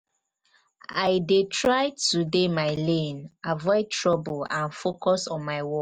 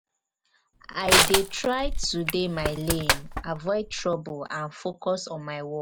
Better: first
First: none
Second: background sound (Crushing); 3 dB above the speech

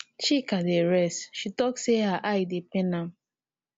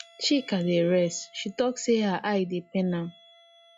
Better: first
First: none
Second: noise reduction (classical method log-MMSE)

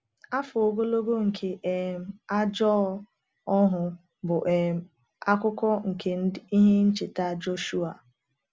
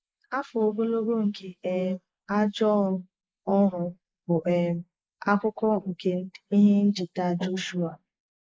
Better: first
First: none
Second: noise reduction (neural mask model Resemble Enhance denoiser)

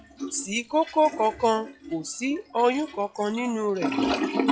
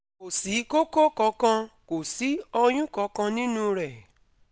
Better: second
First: noise reduction (classical method log-MMSE)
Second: none

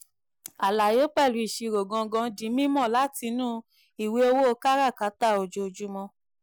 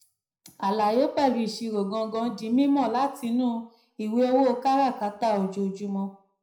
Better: first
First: none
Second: room echo; dies away in 0.4 s

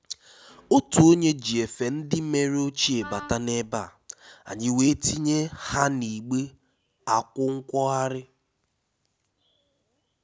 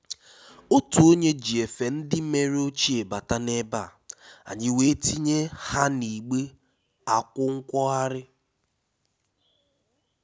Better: second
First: background sound (Wind instrument, woodwind instrument); 16 dB below the speech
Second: none

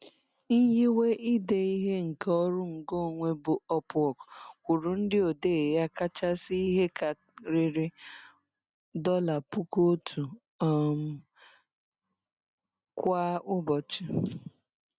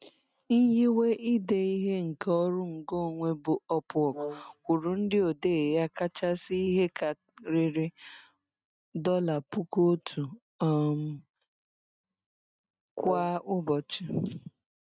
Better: first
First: none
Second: noise reduction (neural mask model RNNoise)

